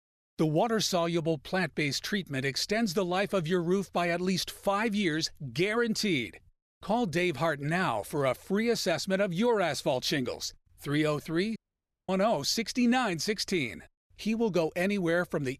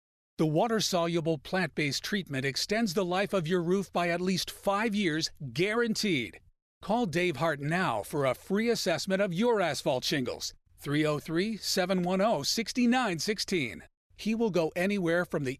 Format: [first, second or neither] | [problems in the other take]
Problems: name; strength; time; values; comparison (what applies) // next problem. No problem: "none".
second | audio cutting out; at 12 s for 0.5 s